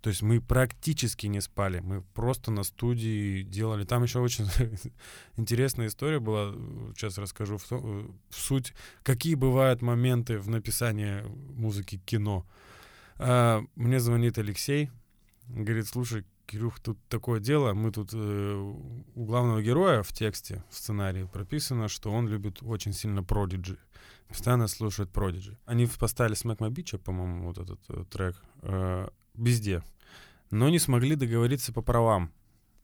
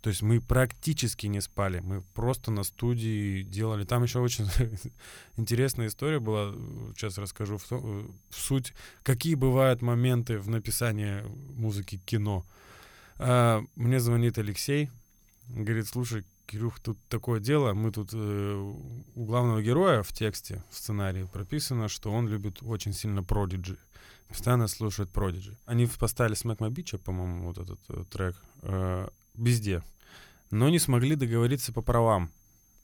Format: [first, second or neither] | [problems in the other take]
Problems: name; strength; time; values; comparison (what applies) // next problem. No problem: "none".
first | high-pitched whine; faint; throughout; 6.5 kHz, 35 dB below the speech